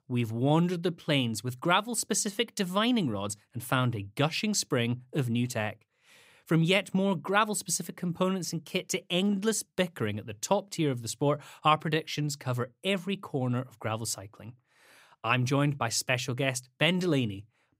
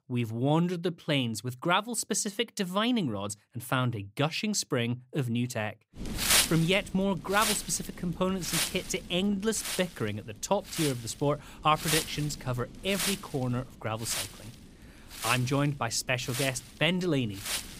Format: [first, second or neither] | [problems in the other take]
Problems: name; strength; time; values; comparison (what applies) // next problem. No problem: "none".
first | wind noise on the microphone; heavy; from 6 s on; 1 dB below the speech